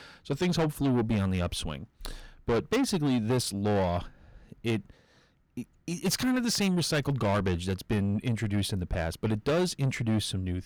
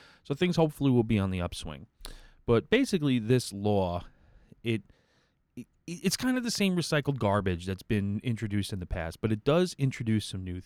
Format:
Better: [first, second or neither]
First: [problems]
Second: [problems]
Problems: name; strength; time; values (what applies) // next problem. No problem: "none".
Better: second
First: distortion; heavy; 7 dB below the speech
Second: none